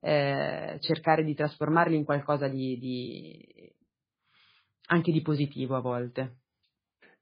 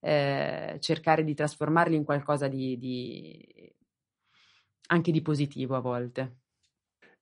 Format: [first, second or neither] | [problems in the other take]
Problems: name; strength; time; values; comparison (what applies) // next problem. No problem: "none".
second | garbled, watery; badly; nothing above 4.5 kHz; slightly in the second